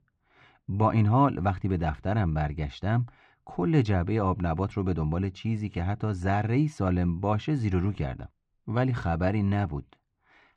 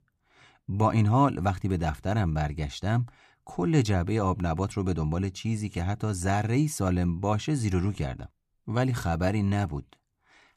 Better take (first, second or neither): second